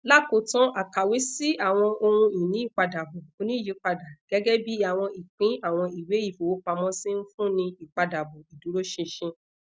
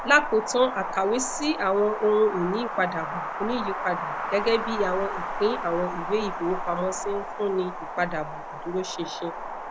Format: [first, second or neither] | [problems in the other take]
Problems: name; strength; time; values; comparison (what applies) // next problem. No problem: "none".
first | background sound (Wind); 6 dB below the speech